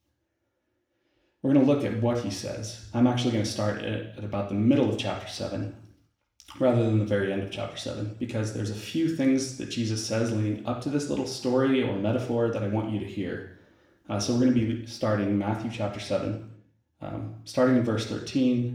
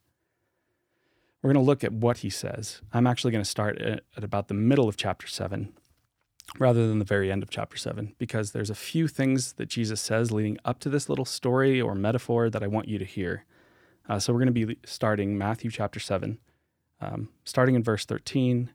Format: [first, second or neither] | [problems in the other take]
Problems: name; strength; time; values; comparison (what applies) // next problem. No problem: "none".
second | room echo; noticeable; dies away in 0.7 s // off-mic speech; somewhat distant